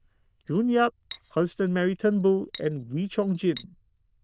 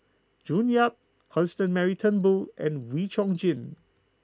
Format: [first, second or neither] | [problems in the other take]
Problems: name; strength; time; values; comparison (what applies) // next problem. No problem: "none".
second | noise reduction (neural diffusion model UNIVERSE++)